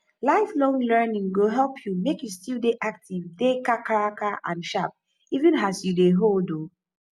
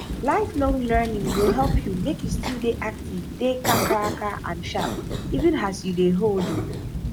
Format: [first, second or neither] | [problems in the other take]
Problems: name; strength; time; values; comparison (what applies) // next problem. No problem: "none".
first | background sound (Thunder / Rain + Cough); 3 dB below the speech